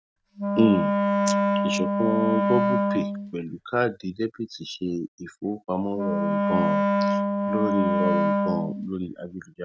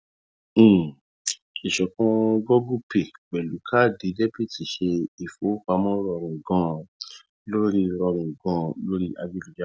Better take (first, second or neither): second